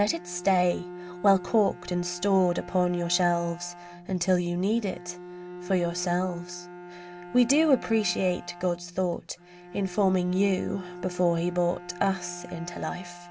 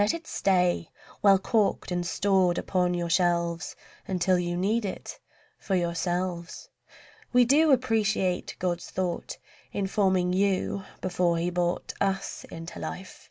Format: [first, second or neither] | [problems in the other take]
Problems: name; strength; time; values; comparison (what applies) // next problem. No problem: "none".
second | background sound (Bowed string instrument); 15 dB below the speech